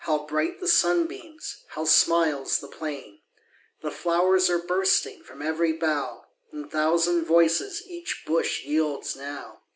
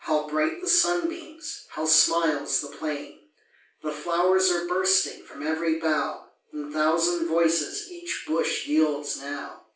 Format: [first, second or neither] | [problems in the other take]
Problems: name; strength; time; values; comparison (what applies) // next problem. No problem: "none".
first | room echo; dies away in 0.3 s